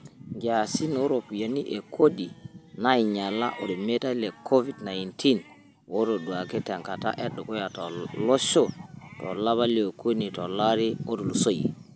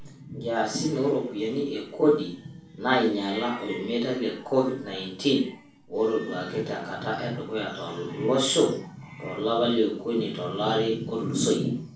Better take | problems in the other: first | room echo; dies away in 0.4 s

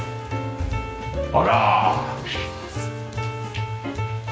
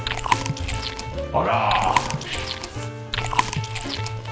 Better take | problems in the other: first | background sound (Chewing, mastication); 1 dB below the speech

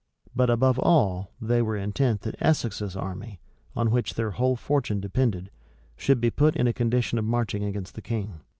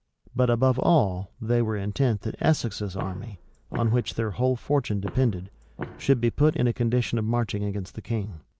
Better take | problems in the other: first | background sound (Walk, footsteps); 15 dB below the speech

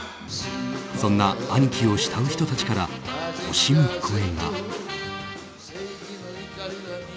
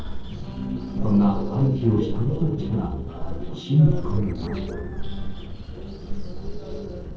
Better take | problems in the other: first | noise reduction (neural separator model SepFormer DNS4)

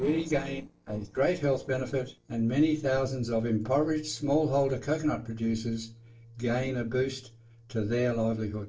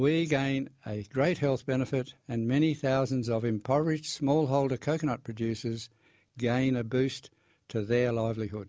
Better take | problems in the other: second | noise reduction (neural separator model SepFormer DNS4)

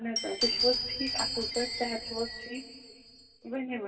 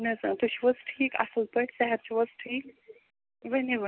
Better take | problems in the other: second | background sound (Glass); 1 dB above the speech // room echo; dies away in 2.1 s

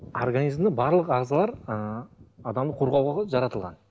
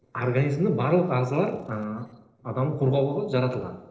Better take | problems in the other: first | noise reduction (neural separator model SepFormer DNS4)

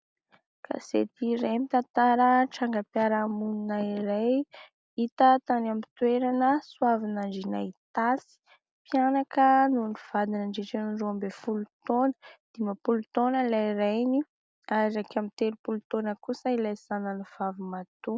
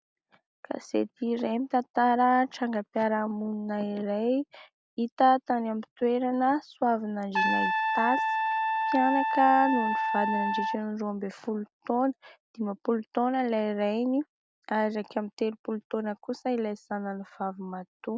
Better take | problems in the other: first | background sound (Trumpet); 1 dB above the speech

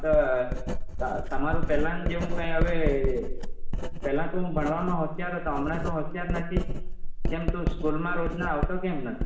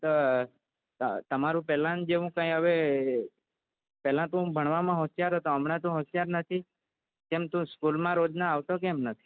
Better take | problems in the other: second | background sound (Writing); 2 dB above the speech // room echo; dies away in 0.9 s

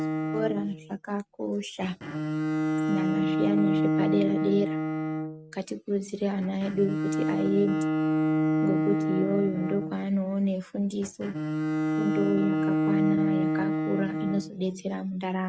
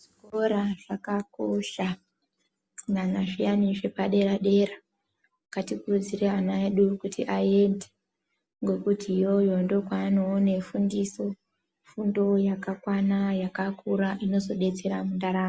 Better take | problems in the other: second | noise reduction (neural mask model RNNoise)

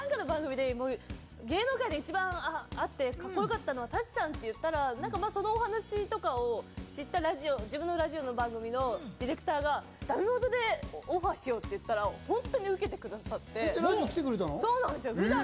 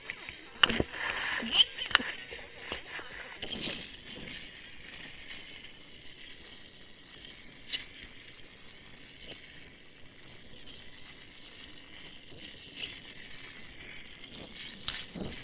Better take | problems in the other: first | noise reduction (neural separator model SepFormer WHAM!)

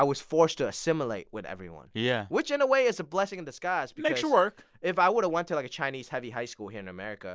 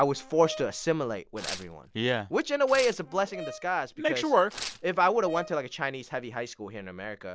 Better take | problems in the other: first | background sound (Brass instrument + Tearing); 15 dB below the speech

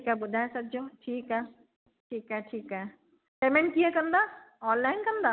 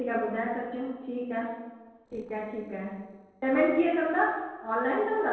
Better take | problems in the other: first | noise reduction (neural separator model SepFormer DNS4)

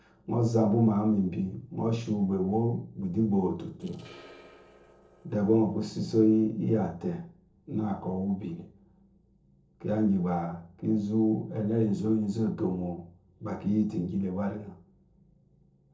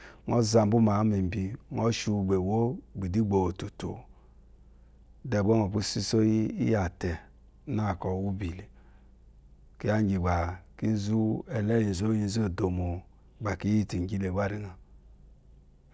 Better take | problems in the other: second | noise reduction (neural separator model SepFormer DNS4)

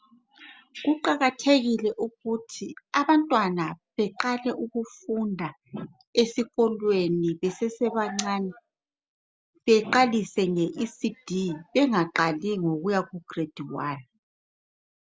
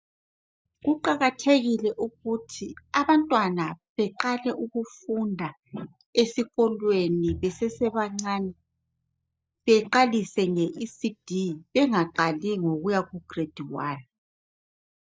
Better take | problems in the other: first | noise reduction (neural mask model DeepFilterNet 3)

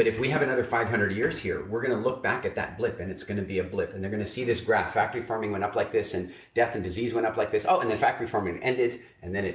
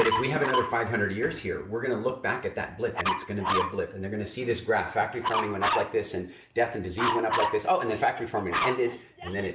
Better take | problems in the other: first | background sound (Dog); 4 dB below the speech

